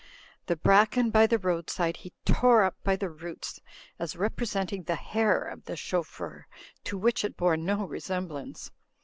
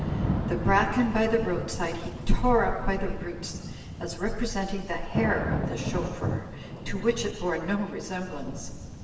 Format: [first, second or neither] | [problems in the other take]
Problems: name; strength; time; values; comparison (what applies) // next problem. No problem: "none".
first | background sound (Thunder / Rain); 6 dB below the speech // room echo; dies away in 1.3 s